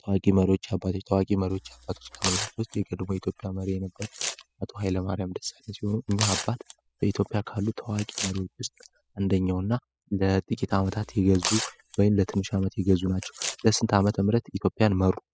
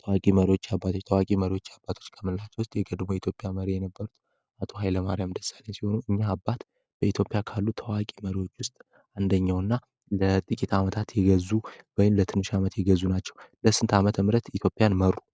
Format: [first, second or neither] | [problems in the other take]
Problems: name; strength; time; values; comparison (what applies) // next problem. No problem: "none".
second | noise reduction (classical method spectral subtraction)